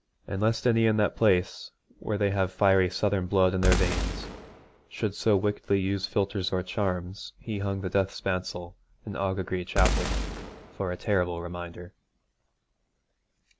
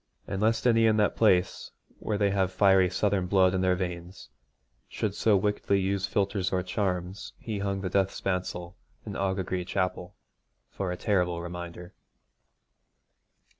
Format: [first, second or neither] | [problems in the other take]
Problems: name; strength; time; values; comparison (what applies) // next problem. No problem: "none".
second | background sound (Boom); 2 dB below the speech